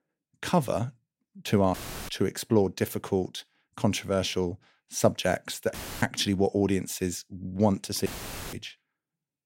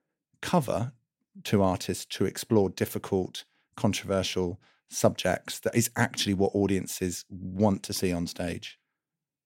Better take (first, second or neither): second